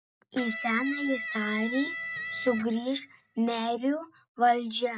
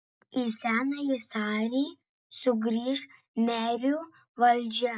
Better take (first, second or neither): second